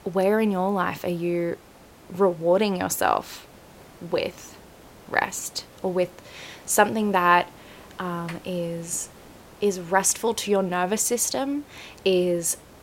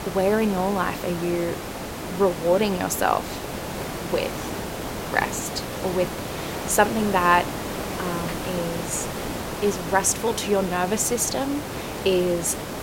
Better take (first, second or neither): first